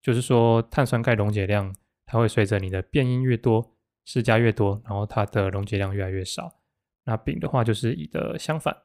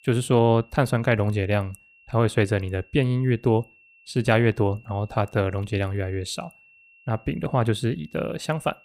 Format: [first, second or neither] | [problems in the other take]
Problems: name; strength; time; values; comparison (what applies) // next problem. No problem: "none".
first | high-pitched whine; faint; throughout; 2.5 kHz, 30 dB below the speech